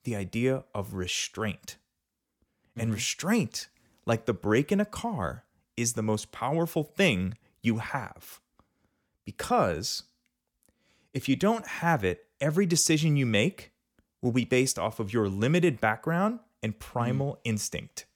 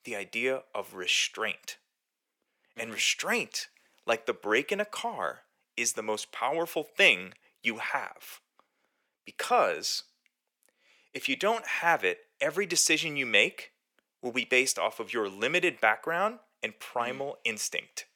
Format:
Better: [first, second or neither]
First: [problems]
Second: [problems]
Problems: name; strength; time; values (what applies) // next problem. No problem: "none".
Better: first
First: none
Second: thin; very; fading below 500 Hz